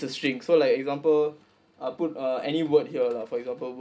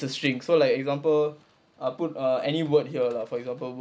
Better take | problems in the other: second | room echo; dies away in 0.3 s

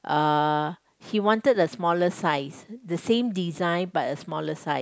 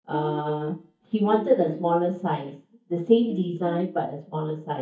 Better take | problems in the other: first | noise reduction (neural mask model DeepFilterNet 3)

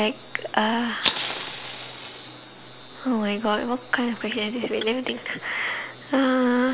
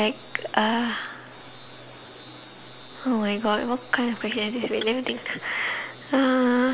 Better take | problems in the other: second | background sound (Fire); 6 dB below the speech

